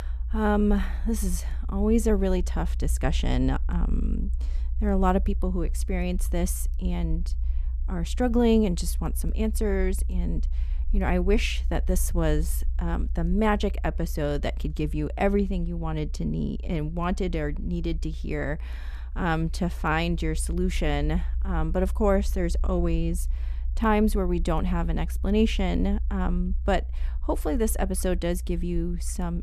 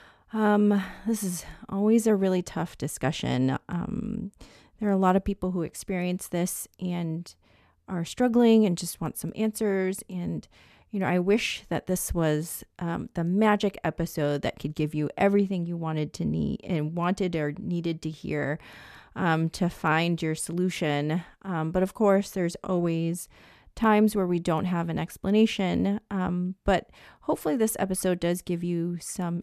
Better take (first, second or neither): second